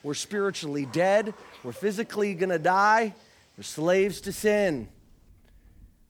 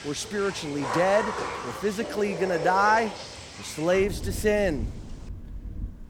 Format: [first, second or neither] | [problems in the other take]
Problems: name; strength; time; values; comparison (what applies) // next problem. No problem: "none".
first | rain or running water; loud; throughout; 9 dB below the speech; faint in the first